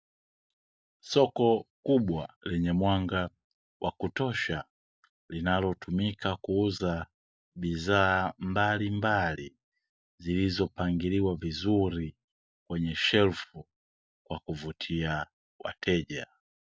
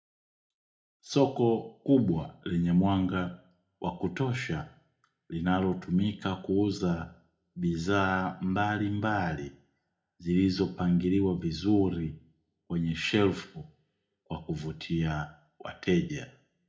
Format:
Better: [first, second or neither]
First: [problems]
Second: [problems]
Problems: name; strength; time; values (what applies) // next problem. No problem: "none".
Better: first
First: none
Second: room echo; dies away in 0.4 s